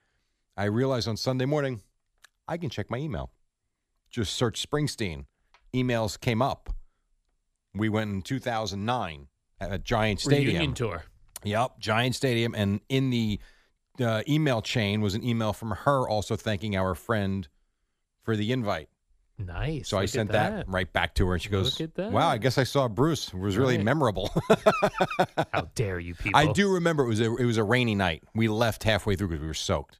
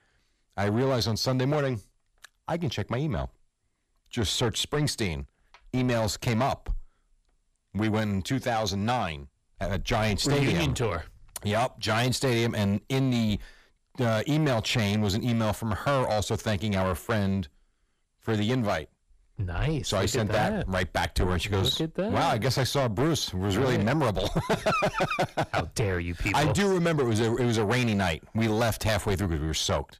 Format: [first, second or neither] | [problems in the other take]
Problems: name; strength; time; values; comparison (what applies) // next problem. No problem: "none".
first | distortion; heavy; 7 dB below the speech